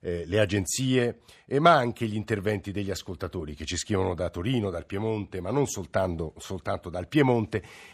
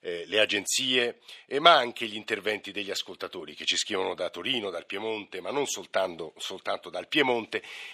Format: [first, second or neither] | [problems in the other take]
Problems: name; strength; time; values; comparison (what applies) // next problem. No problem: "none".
first | thin; somewhat; fading below 400 Hz